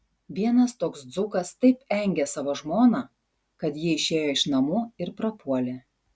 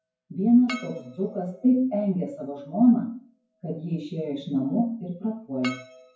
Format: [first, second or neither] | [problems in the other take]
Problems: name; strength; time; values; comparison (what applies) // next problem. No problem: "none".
first | noise reduction (classical method WPE with log-MMSE)